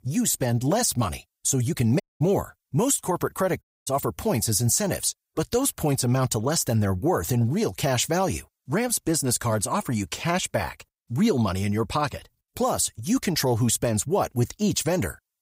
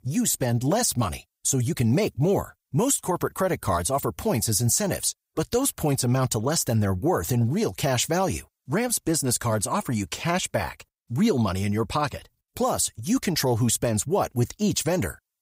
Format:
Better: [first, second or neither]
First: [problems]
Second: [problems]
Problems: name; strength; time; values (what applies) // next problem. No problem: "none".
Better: second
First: audio cutting out; at 2 s and at 3.5 s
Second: none